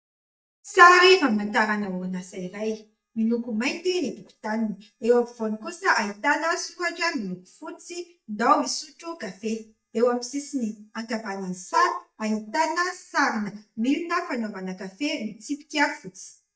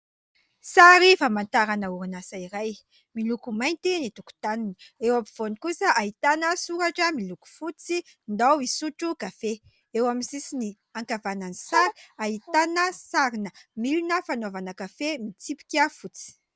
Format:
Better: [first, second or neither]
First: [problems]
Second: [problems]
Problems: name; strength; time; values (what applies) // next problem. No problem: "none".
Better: second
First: noise reduction (neural mask model DeepFilterNet 3)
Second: none